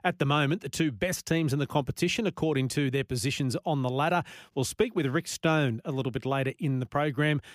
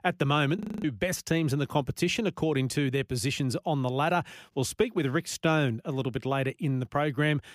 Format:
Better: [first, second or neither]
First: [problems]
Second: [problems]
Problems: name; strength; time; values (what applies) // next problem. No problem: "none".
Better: first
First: none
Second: audio freezing; at 0.5 s